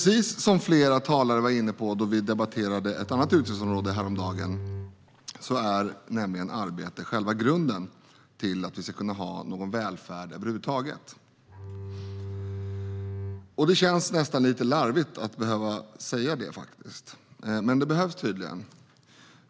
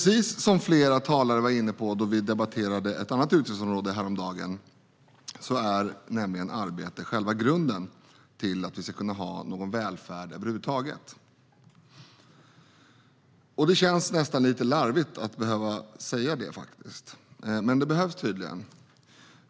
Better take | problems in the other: second | background sound (Bowed string instrument); 9 dB below the speech

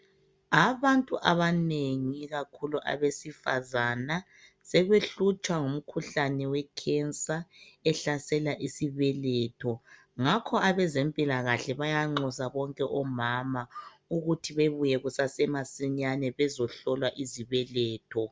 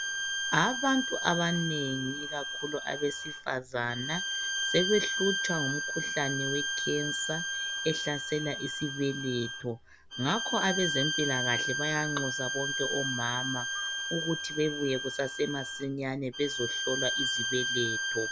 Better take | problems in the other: first | background sound (Bowed string instrument); 1 dB below the speech

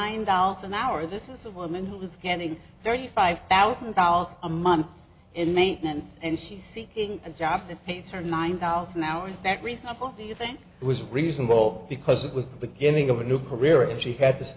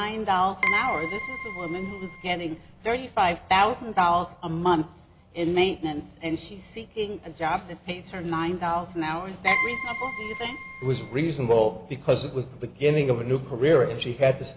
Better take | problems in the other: first | background sound (Keyboard (musical)); 5 dB below the speech

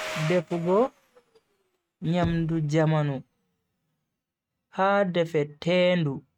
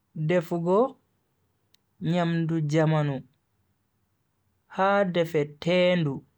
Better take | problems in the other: second | noise reduction (neural mask model RNNoise)

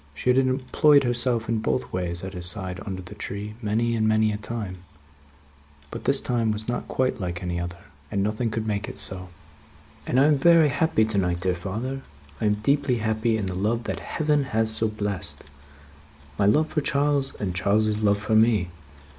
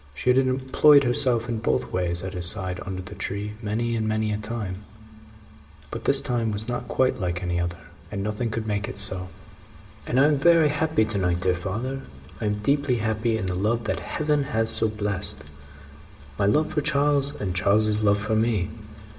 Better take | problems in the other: first | room echo; dies away in 2.7 s

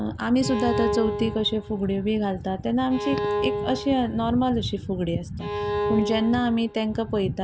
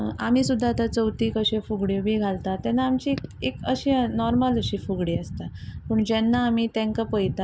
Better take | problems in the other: second | background sound (Bowed string instrument); 6 dB below the speech

